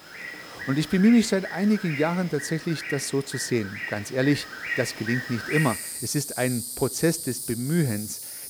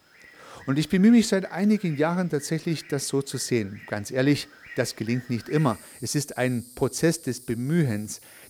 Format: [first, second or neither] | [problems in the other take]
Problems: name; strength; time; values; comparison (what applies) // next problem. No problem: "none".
second | animal sounds; loud; throughout; 7 dB below the speech; faint in the second